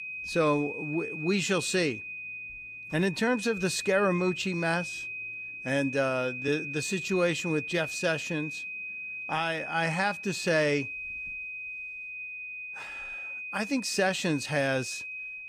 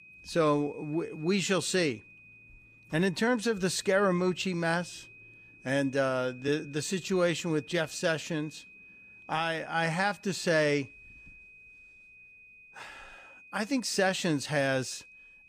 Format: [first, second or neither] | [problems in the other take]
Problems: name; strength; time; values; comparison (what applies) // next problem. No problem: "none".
second | high-pitched whine; loud; throughout; 2.5 kHz, 7 dB below the speech; faint in the second